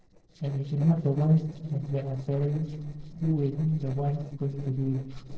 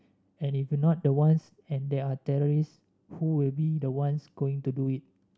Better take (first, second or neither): second